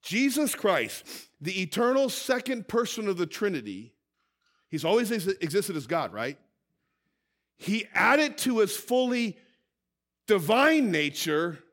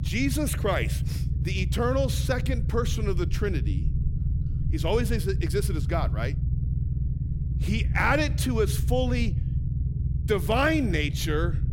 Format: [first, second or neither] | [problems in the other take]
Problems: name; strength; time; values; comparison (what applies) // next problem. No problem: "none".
first | low rumble; noticeable; throughout; 15 dB below the speech